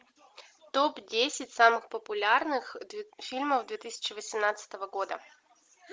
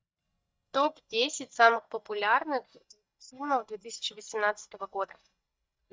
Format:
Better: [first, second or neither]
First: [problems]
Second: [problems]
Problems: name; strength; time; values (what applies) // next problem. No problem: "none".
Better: first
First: none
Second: noise reduction (neural mask model DeepFilterNet 3)